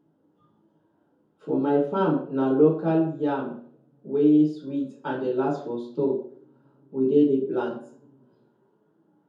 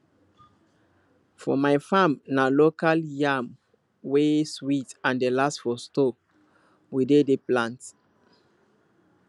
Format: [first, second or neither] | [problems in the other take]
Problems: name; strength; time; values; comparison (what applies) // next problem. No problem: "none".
second | room echo; dies away in 0.6 s